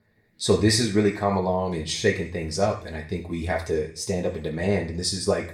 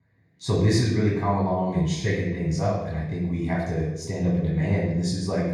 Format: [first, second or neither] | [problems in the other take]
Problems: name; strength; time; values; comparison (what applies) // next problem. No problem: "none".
first | room echo; strong; dies away in 1.3 s; slight in the first // off-mic speech; far; far in the first